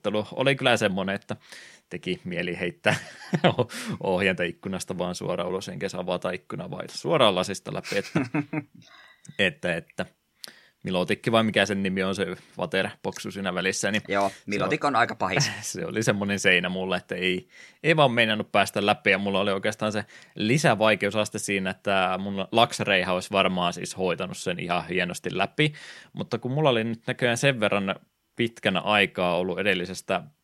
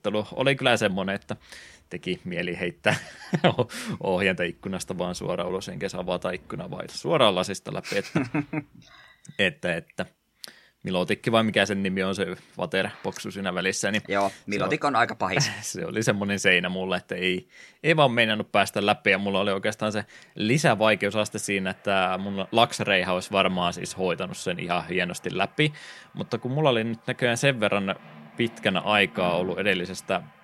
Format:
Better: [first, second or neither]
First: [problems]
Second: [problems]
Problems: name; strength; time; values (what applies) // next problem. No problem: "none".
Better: first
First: none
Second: household noises; faint; throughout; 25 dB below the speech